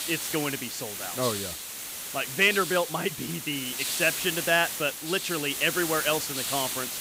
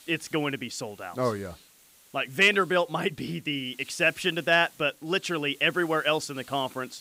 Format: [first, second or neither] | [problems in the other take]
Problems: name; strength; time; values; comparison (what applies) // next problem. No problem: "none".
second | hiss; loud; throughout; 3 dB below the speech; faint in the second